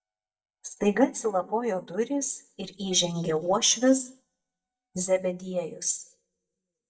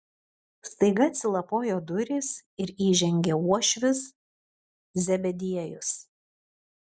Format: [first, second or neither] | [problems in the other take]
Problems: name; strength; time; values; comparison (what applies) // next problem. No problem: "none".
second | noise reduction (neural mask model DeepFilterNet 3)